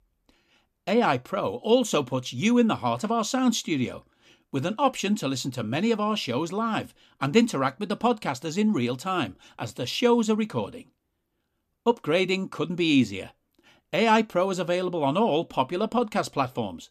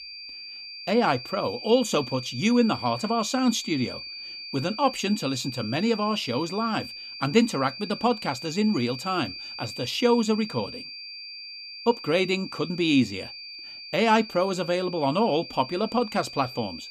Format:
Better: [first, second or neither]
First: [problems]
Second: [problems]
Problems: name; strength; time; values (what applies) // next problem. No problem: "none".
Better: first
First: none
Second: high-pitched whine; noticeable; throughout; 4.5 kHz, 10 dB below the speech